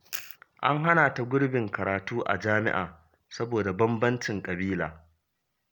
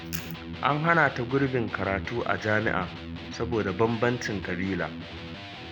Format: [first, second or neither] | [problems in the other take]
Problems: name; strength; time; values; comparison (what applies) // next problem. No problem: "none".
first | background sound (Electric guitar); 10 dB below the speech